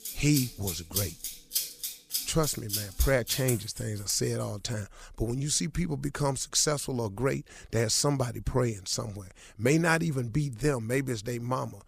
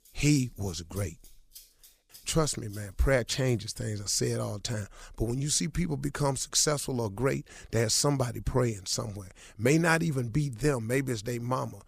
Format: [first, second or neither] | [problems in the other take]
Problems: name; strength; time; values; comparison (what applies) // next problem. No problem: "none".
second | background music; loud; until 4 s; 5 dB below the speech; faint in the second